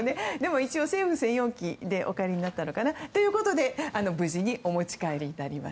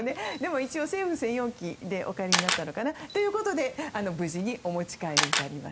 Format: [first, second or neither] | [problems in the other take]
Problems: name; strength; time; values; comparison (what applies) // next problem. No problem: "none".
first | background sound (Camera); 4 dB below the speech